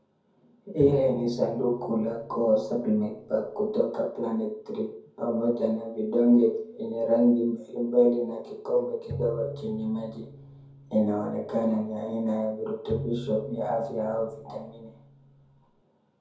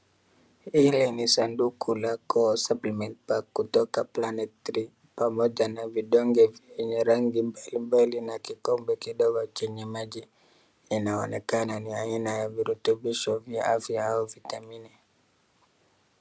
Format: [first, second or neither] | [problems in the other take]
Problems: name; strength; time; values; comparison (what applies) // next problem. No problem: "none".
second | background sound (Bowed string instrument); 14 dB below the speech // room echo; dies away in 0.6 s